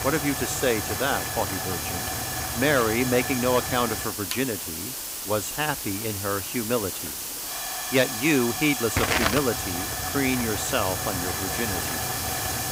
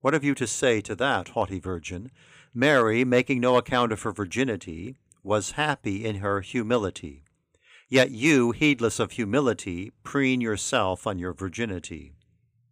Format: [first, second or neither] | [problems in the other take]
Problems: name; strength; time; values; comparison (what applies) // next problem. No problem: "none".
second | hiss; loud; throughout; 1 dB below the speech